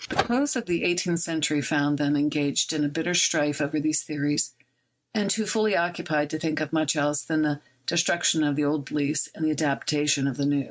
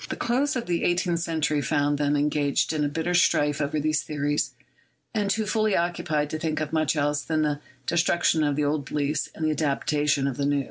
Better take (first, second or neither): second